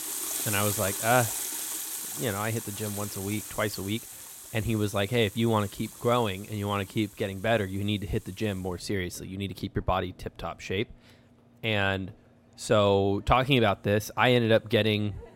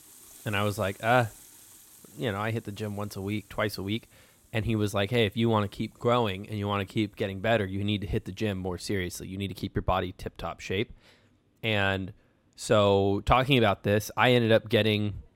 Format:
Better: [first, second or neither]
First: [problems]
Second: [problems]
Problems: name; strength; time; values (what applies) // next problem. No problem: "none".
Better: second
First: household noises; loud; throughout; 6 dB below the speech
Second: household noises; faint; throughout; 25 dB below the speech